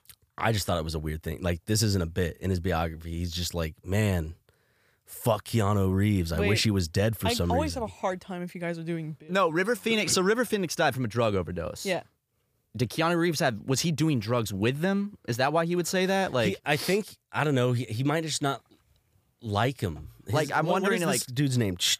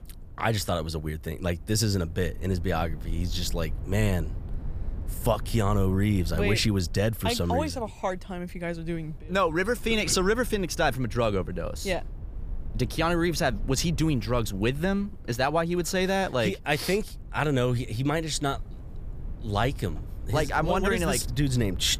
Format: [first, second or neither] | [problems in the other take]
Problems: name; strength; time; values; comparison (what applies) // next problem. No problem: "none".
first | low rumble; faint; throughout; 25 dB below the speech